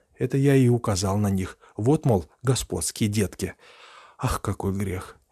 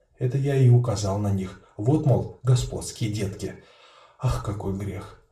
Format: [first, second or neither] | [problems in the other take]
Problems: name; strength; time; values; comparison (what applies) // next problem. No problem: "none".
first | room echo; slight; dies away in 0.3 s // off-mic speech; far